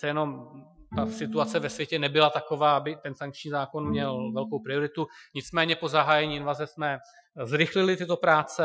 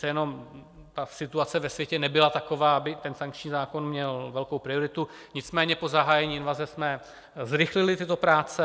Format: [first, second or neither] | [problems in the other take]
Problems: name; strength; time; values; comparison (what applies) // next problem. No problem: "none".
second | noise reduction (classical method Wiener filter)